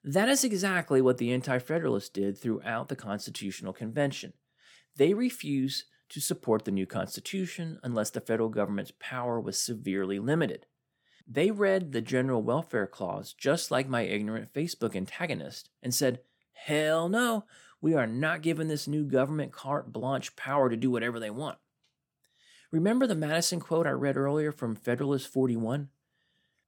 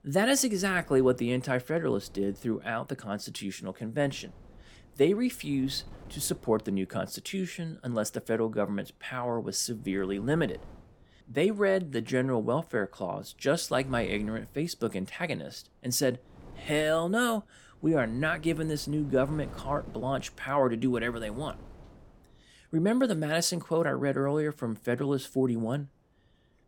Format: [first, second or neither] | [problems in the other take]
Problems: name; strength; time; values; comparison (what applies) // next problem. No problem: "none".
first | wind noise on the microphone; occasional gusts; 25 dB below the speech